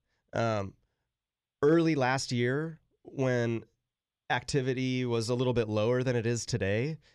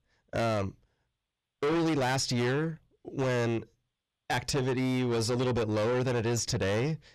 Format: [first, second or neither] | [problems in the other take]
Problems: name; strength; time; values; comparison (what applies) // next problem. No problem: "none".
first | distortion; heavy; 6 dB below the speech